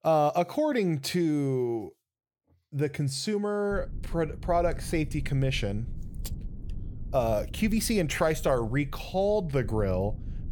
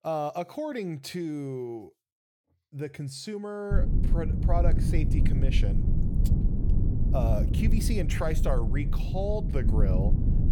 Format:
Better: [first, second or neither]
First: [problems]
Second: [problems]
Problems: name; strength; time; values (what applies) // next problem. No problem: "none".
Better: first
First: low rumble; faint; from 3.5 s on; 25 dB below the speech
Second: low rumble; loud; from 3.5 s on; 6 dB below the speech